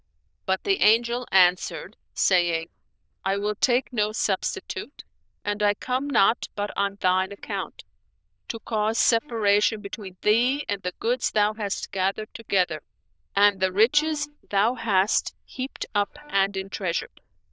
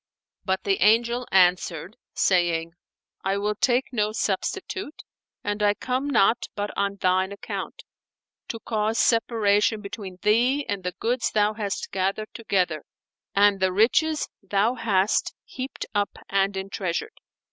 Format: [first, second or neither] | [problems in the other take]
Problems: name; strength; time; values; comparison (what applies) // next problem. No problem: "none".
second | noise reduction (neural diffusion model UNIVERSE++)